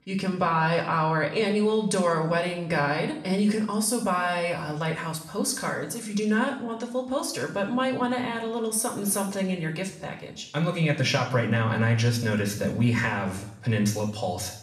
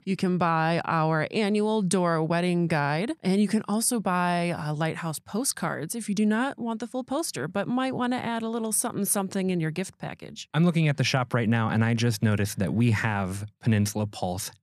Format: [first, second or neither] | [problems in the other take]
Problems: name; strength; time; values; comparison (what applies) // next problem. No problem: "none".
second | room echo; slight; dies away in 0.6 s // off-mic speech; somewhat distant